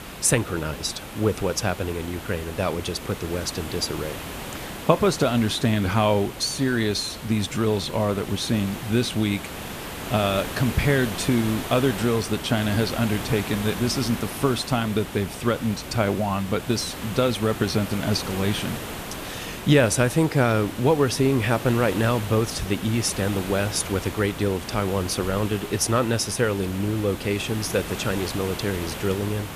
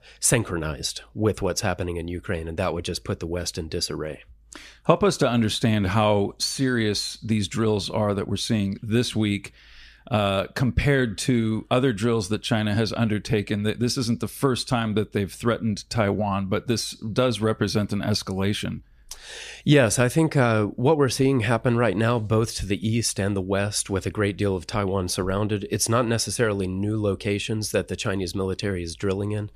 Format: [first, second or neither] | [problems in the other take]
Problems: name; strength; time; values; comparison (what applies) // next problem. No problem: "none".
second | hiss; loud; throughout; 10 dB below the speech